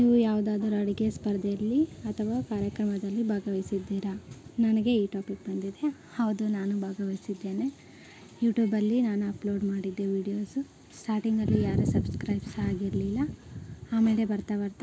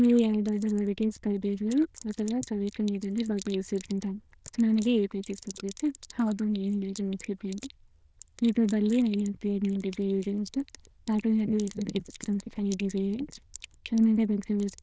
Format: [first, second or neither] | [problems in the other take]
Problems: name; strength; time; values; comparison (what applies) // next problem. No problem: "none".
first | noise reduction (neural diffusion model UNIVERSE++)